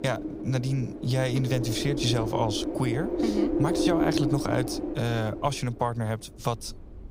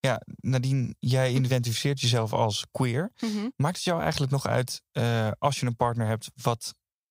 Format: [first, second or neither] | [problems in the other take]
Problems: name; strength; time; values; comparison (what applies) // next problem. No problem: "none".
second | wind noise on the microphone; heavy; 2 dB below the speech